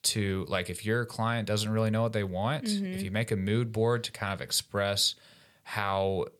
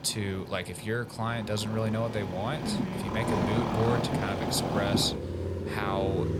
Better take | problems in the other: first | traffic noise; loud; throughout; as loud as the speech

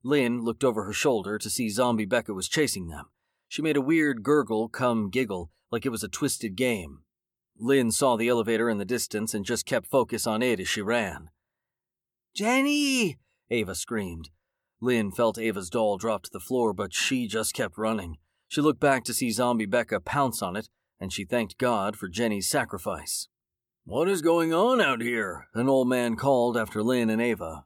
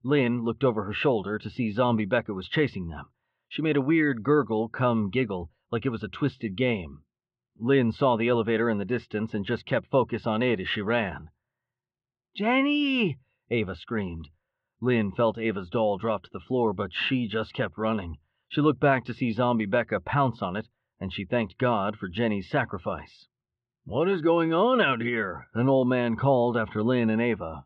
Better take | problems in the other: first | muffled; very; fading above 3.5 kHz

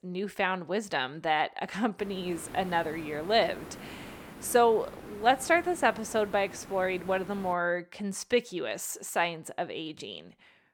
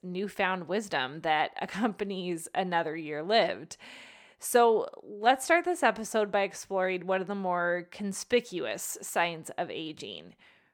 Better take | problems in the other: second | hiss; noticeable; from 2 to 7.5 s; 15 dB below the speech

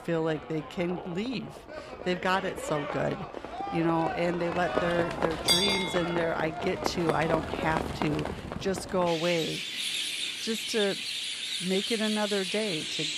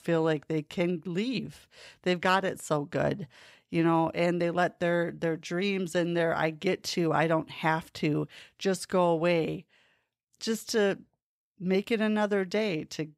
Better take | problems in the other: second | animal sounds; loud; throughout; 1 dB below the speech

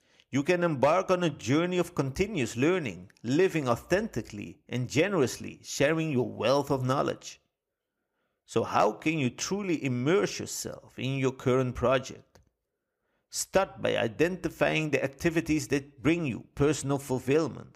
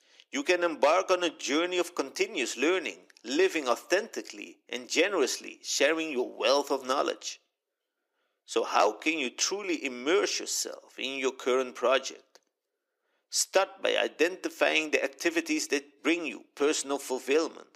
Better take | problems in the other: first | thin; somewhat; fading below 300 Hz

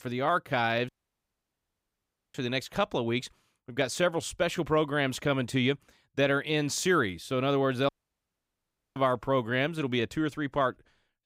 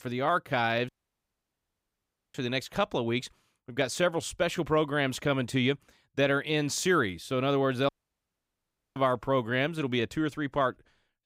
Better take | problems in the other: neither | audio cutting out; at 1 s for 1.5 s and at 8 s for 1 s; the same in both

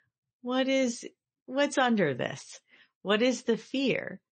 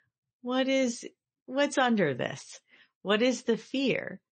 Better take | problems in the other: neither | garbled, watery; slightly; nothing above 8 kHz; the same in both

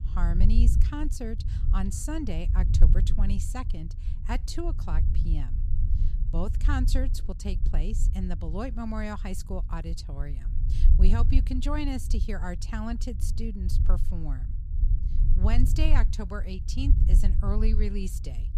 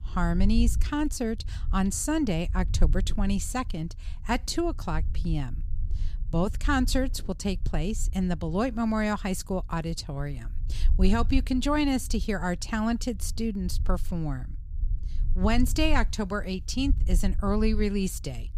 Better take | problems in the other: second | low rumble; loud; throughout; 9 dB below the speech; faint in the second

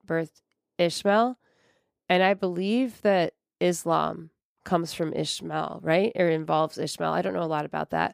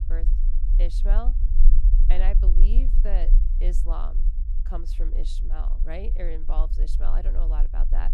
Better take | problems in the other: first | low rumble; loud; throughout; 10 dB below the speech

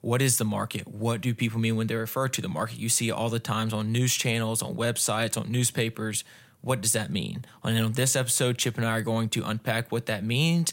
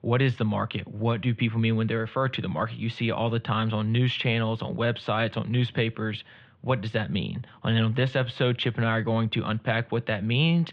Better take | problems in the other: first | muffled; very; fading above 3.5 kHz

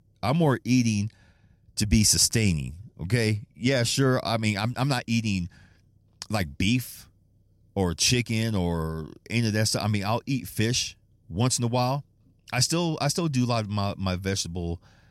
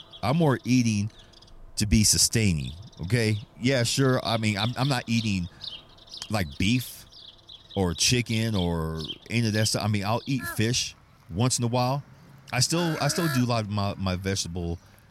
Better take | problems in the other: first | animal sounds; noticeable; throughout; 15 dB below the speech

